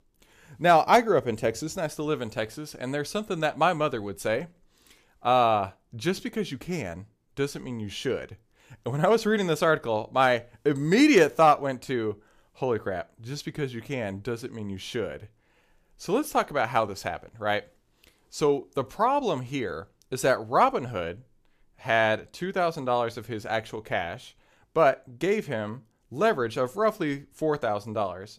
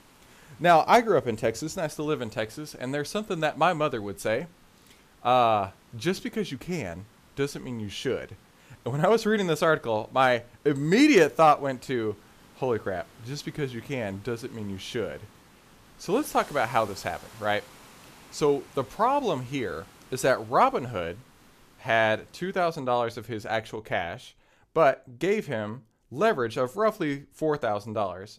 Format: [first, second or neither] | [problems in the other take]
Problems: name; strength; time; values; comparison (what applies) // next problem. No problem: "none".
first | hiss; faint; until 23 s; 25 dB below the speech